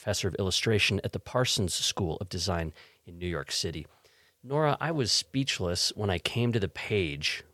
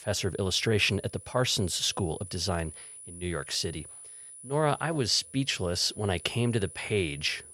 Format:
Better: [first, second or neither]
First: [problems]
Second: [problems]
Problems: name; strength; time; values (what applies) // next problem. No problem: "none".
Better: first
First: none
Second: high-pitched whine; noticeable; throughout; 10 kHz, 15 dB below the speech